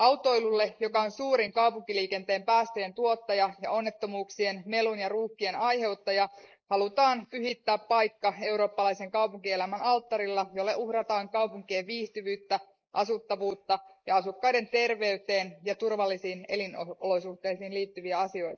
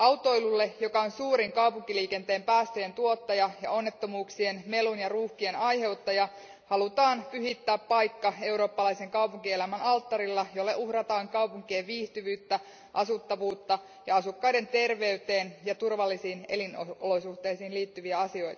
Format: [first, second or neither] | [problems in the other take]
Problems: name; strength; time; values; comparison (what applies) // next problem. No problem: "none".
second | noise reduction (neural mask model Resemble Enhance denoiser)